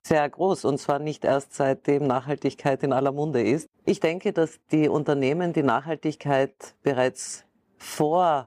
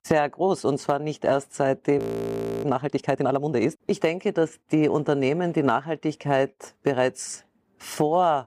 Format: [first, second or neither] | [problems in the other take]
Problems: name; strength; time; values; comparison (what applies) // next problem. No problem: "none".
first | audio freezing; at 2 s for 0.5 s